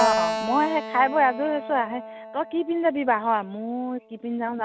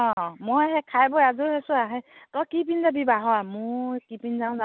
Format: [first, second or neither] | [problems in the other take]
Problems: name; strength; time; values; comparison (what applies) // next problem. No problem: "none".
second | background sound (Keyboard (musical)); 6 dB below the speech